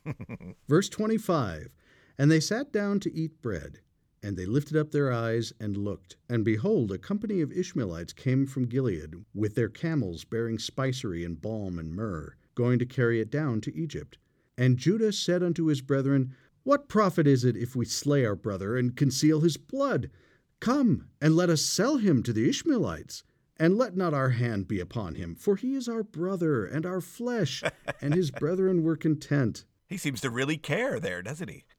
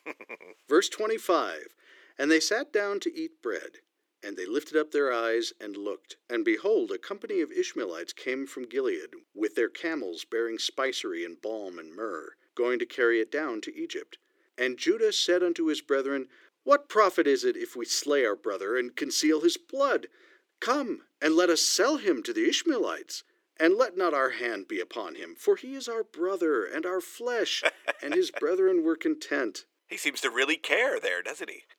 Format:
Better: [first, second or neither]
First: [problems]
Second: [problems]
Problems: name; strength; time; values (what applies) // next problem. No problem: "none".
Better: first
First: none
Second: thin; very; fading below 350 Hz